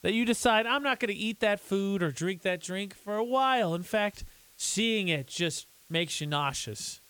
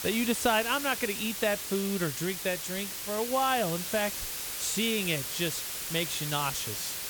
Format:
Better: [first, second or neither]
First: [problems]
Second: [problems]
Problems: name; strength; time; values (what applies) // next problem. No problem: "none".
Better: first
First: hiss; faint; throughout; 25 dB below the speech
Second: hiss; loud; throughout; 3 dB below the speech